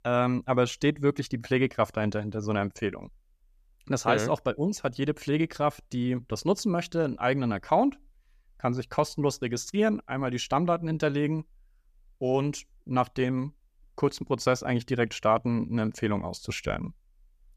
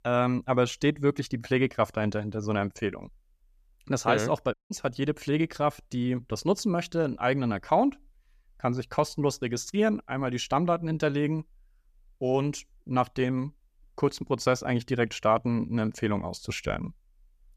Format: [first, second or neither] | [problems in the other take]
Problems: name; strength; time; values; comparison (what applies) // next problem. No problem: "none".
first | audio cutting out; at 4.5 s